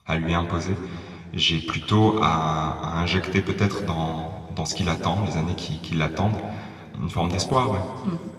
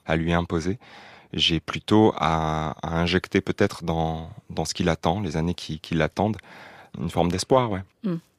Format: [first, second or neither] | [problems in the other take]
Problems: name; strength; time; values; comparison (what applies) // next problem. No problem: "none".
second | room echo; noticeable; dies away in 2.2 s // off-mic speech; somewhat distant